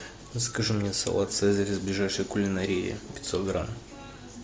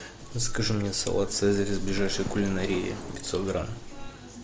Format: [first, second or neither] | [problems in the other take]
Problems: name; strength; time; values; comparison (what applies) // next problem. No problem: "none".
first | background sound (Livestock, farm animals, working animals); 5 dB below the speech